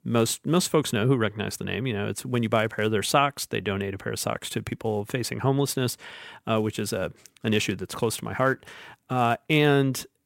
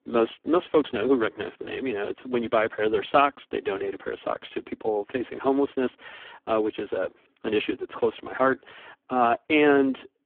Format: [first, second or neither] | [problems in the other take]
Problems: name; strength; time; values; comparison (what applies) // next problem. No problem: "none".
first | phone-call audio; poor line